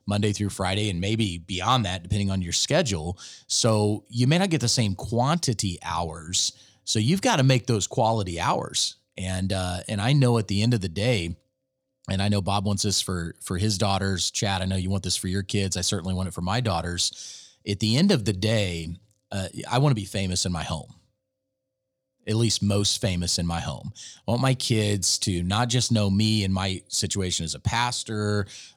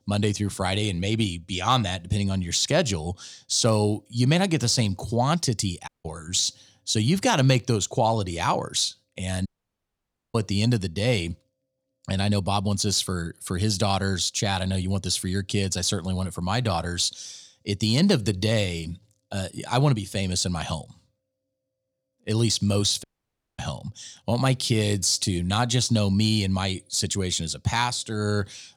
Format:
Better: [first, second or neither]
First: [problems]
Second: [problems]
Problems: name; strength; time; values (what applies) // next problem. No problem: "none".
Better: first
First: none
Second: audio cutting out; at 6 s, at 9.5 s for 1 s and at 23 s for 0.5 s